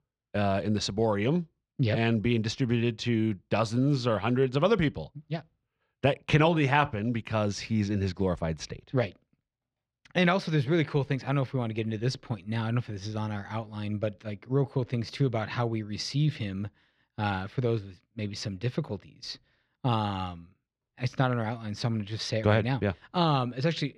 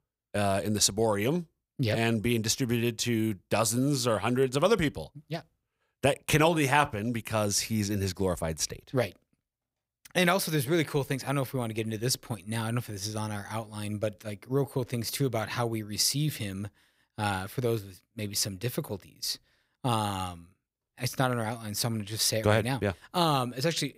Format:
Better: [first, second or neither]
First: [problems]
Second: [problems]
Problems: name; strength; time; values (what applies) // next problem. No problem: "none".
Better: second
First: muffled; very slightly; fading above 4 kHz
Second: none